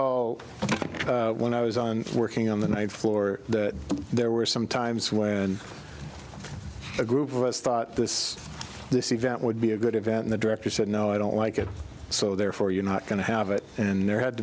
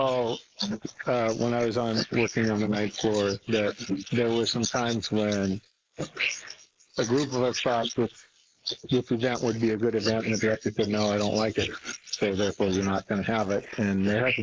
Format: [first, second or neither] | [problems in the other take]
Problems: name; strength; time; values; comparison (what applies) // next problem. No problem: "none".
first | noise reduction (neural mask model Resemble Enhance denoiser)